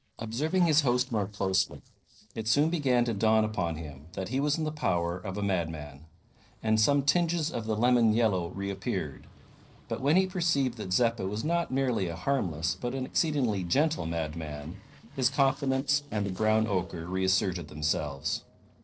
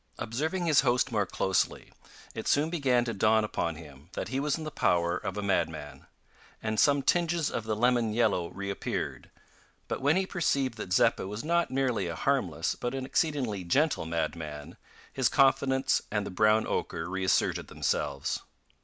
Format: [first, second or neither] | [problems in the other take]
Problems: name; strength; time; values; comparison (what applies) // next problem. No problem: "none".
second | noise reduction (neural separator model SepFormer DNS4)